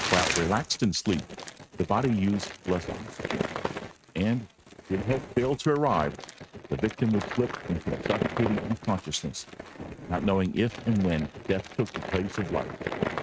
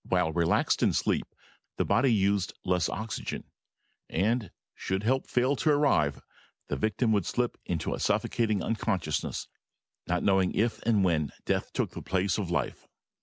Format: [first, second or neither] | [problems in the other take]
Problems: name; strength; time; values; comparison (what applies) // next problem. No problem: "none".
second | noise reduction (neural mask model RNNoise)